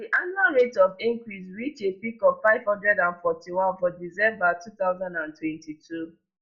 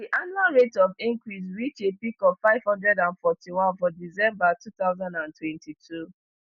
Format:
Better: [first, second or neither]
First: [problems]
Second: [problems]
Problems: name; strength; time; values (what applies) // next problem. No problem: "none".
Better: second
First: room echo; dies away in 0.2 s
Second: none